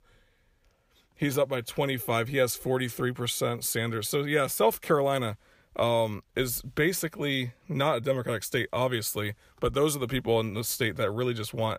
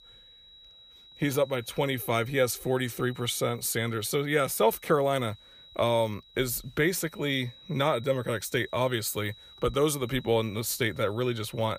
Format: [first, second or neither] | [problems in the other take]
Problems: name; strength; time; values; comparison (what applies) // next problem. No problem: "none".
first | high-pitched whine; faint; throughout; 4 kHz, 25 dB below the speech